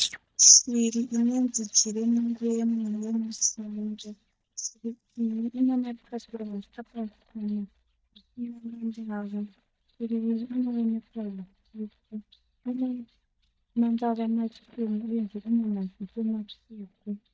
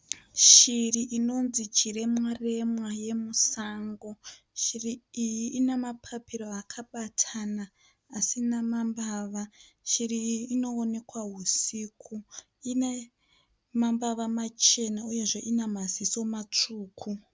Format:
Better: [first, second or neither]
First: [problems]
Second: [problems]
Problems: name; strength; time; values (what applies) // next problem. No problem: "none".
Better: second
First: noise reduction (neural mask model DeepFilterNet 3)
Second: none